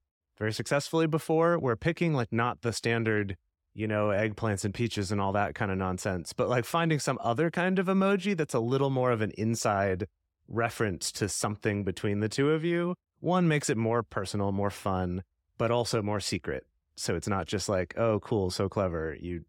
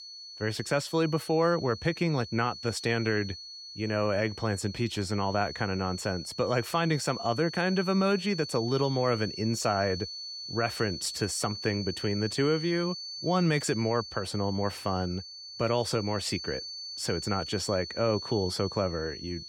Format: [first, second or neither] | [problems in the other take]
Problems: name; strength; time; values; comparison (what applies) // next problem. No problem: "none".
first | high-pitched whine; loud; throughout; 4.5 kHz, 9 dB below the speech